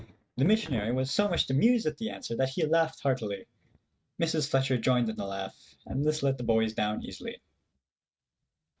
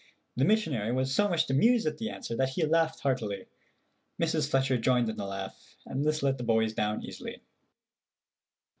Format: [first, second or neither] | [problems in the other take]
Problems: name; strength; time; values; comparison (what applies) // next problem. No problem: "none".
second | noise reduction (neural mask model RNNoise)